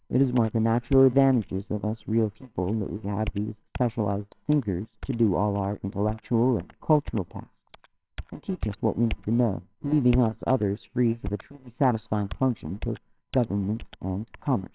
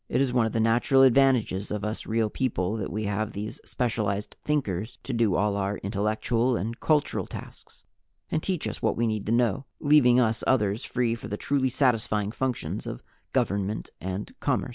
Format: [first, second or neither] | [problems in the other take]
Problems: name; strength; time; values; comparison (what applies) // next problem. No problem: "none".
second | noise reduction (neural separator model SepFormer WHAMR!)